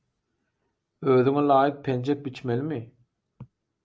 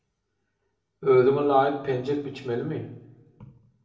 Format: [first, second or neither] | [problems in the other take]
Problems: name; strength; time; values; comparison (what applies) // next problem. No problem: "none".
first | room echo; dies away in 0.7 s